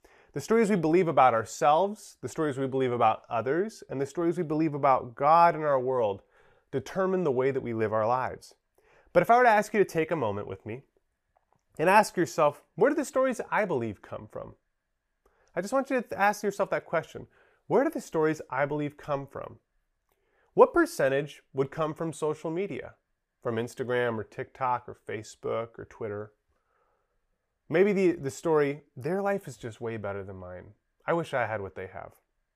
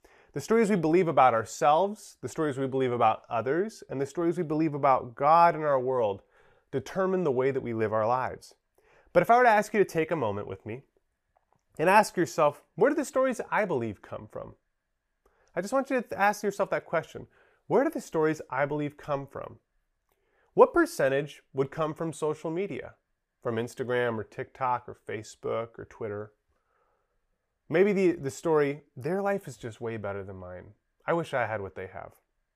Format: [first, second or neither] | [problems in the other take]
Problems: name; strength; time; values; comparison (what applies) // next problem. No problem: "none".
neither | none